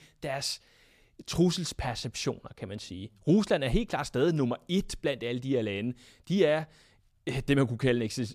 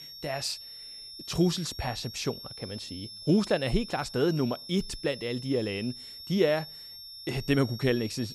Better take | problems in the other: first | high-pitched whine; noticeable; throughout; 5.5 kHz, 10 dB below the speech

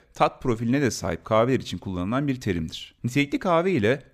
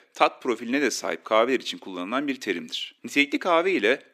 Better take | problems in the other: first | thin; very slightly; fading below 300 Hz

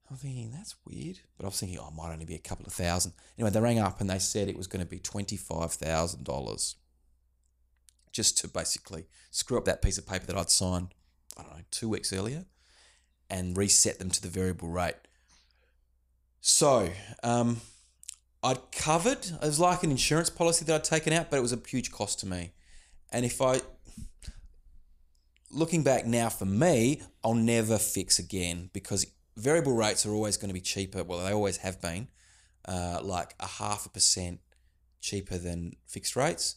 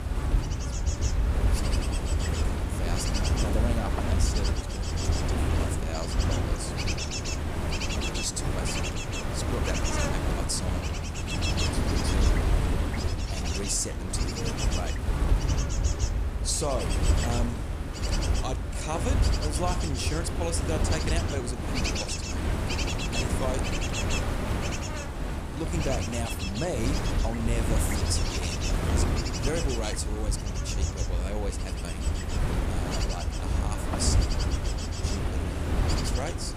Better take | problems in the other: first | wind noise on the microphone; heavy; 2 dB above the speech

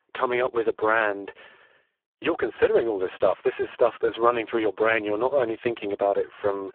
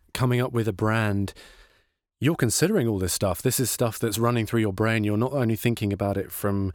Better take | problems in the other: second | phone-call audio; poor line

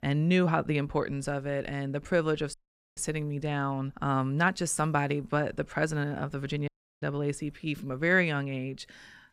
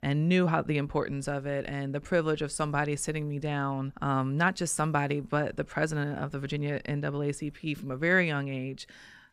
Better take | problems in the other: second | audio cutting out; at 2.5 s and at 6.5 s

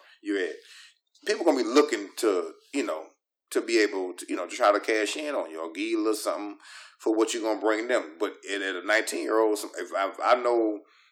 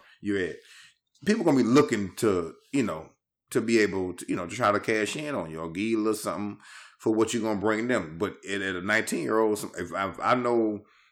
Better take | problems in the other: second | thin; somewhat; fading below 300 Hz

